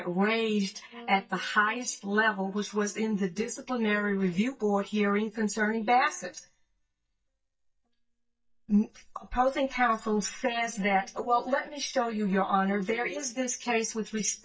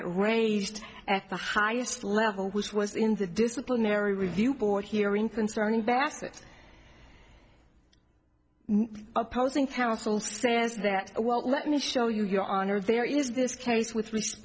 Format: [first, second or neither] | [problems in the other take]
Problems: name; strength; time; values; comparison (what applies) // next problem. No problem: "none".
second | noise reduction (neural mask model DeepFilterNet 3)